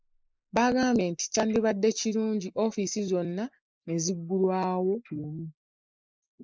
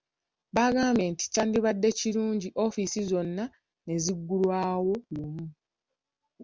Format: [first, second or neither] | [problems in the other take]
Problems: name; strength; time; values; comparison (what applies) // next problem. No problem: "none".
second | noise reduction (neural mask model Resemble Enhance denoiser)